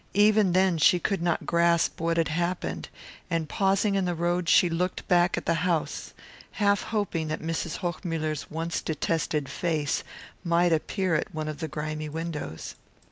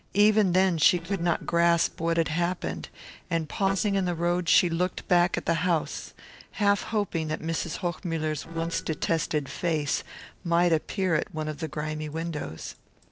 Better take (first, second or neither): first